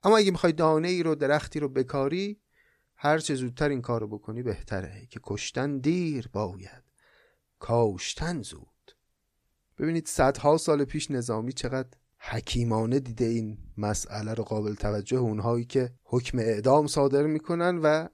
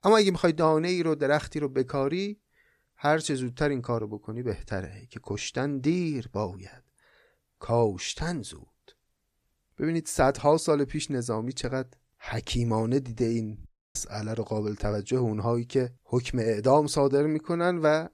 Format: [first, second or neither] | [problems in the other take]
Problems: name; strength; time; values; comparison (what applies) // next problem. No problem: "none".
first | audio cutting out; at 14 s